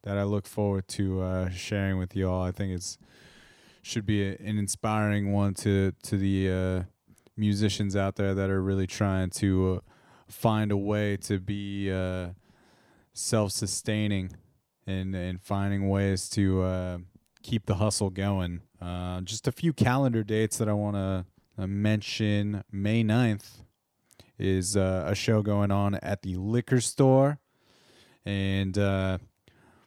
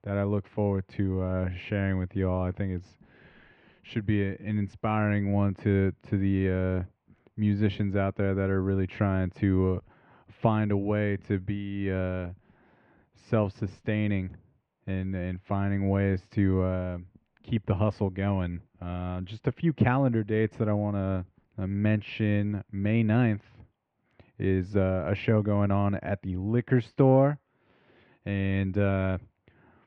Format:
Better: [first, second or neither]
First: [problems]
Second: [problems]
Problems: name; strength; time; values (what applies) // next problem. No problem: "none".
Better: first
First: none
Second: muffled; very; fading above 2.5 kHz